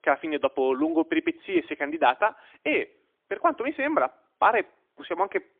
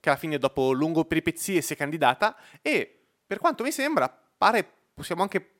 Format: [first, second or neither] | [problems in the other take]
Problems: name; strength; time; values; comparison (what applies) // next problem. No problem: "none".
second | phone-call audio; poor line; nothing above 3.5 kHz